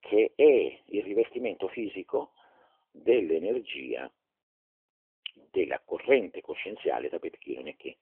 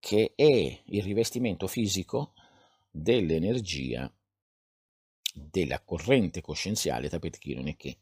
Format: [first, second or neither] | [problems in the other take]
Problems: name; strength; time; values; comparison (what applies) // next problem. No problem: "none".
second | phone-call audio; nothing above 3 kHz